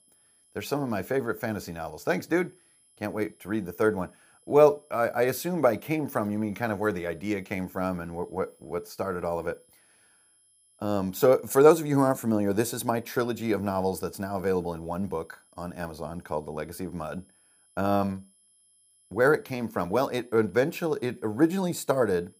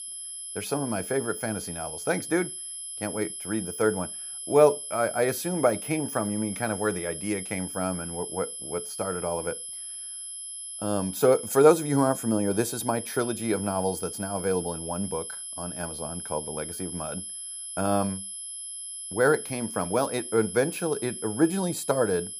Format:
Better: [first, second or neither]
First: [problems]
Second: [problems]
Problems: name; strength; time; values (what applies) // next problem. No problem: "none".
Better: first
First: high-pitched whine; faint; throughout; 11 kHz, 35 dB below the speech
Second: high-pitched whine; loud; throughout; 11 kHz, 7 dB below the speech